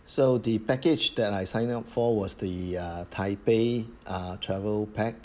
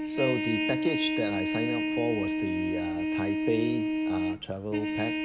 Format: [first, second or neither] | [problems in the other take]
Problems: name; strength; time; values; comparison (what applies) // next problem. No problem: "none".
first | background sound (Trumpet); 3 dB above the speech